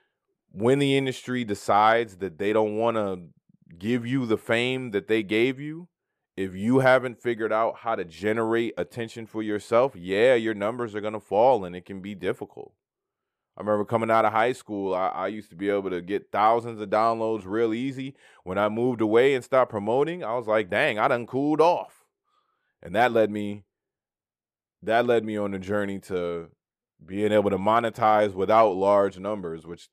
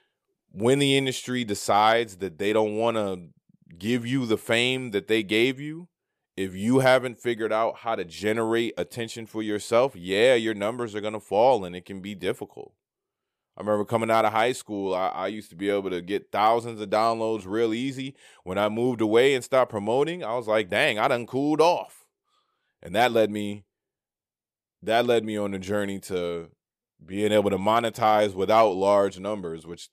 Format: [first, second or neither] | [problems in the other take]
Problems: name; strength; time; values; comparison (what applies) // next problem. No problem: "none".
second | muffled; slightly; fading above 2.5 kHz